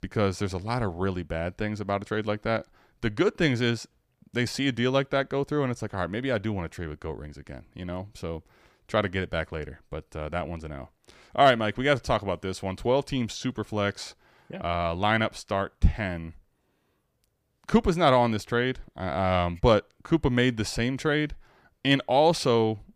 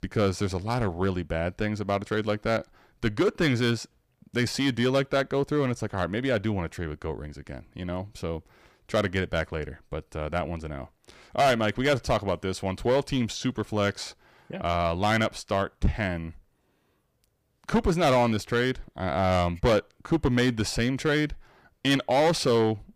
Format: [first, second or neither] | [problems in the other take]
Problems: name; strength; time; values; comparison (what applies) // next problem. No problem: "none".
first | distortion; slight; 4% of the sound clipped